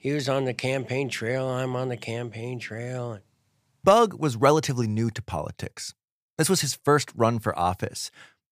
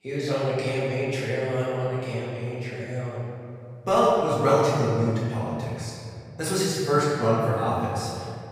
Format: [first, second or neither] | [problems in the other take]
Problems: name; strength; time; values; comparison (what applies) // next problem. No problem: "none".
first | room echo; strong; dies away in 2.2 s // off-mic speech; far